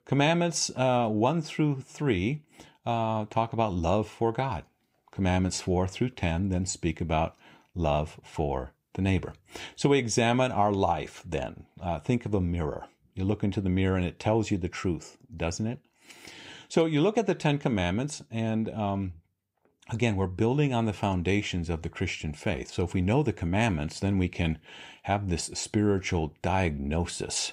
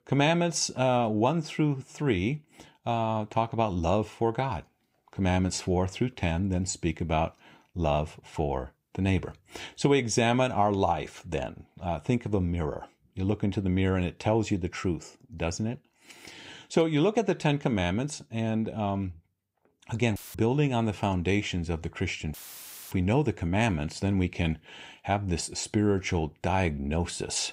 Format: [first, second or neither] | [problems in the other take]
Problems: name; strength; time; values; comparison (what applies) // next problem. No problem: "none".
first | audio cutting out; filled with static; at 20 s and at 22 s for 0.5 s